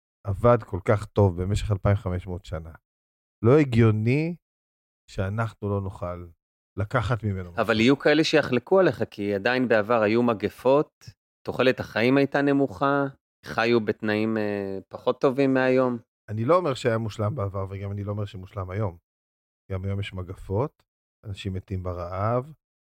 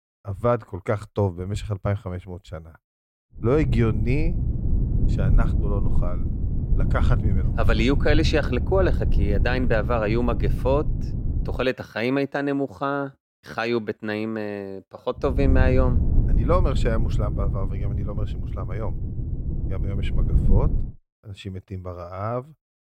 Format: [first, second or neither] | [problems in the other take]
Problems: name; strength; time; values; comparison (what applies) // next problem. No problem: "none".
first | low rumble; noticeable; from 3.5 to 12 s and from 15 to 21 s; 10 dB below the speech